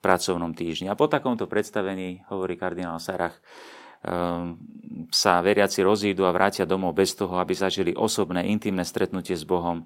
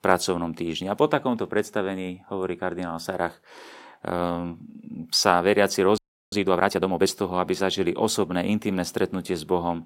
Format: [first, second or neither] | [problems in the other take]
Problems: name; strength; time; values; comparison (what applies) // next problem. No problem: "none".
first | audio freezing; at 6 s